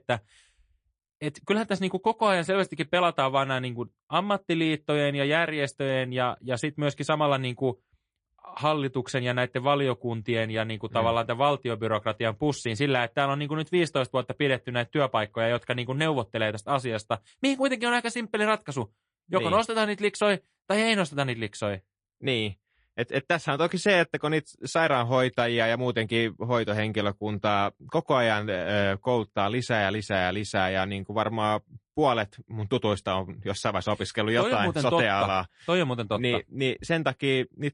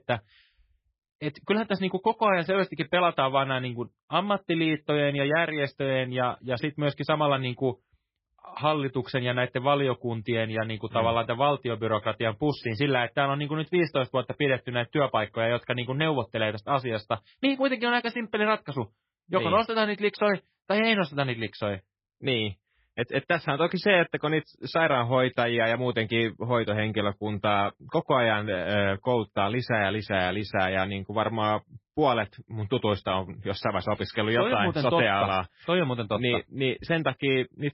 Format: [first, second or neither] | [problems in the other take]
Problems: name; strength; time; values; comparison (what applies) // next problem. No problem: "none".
first | garbled, watery; badly; nothing above 5.5 kHz; slightly in the first